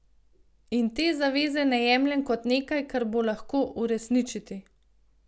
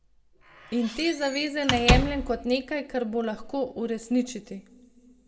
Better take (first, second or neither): first